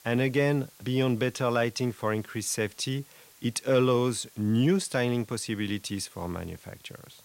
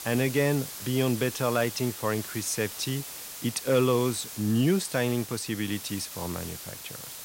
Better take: first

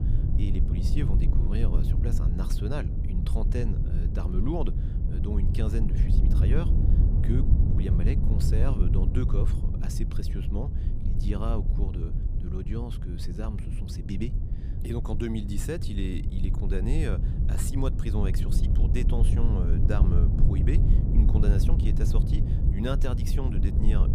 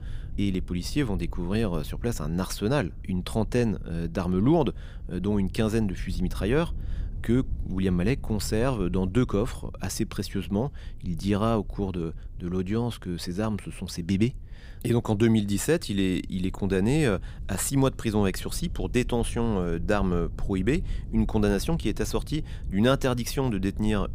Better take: second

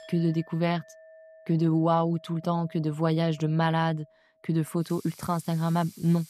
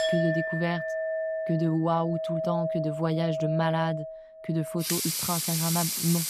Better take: first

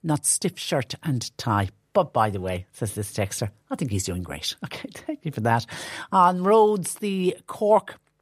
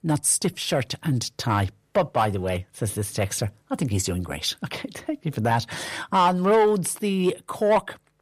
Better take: first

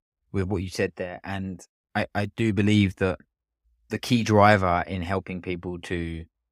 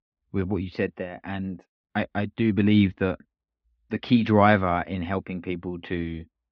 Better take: first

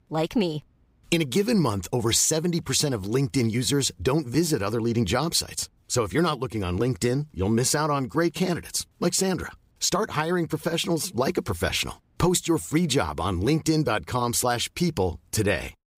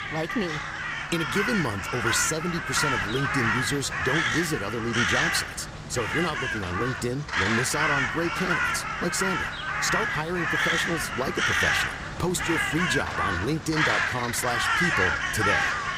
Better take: first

